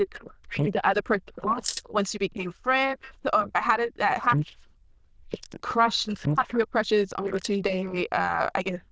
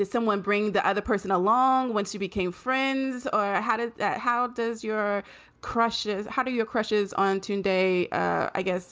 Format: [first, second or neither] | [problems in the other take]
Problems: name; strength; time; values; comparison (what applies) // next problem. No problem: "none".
second | noise reduction (neural diffusion model UNIVERSE++)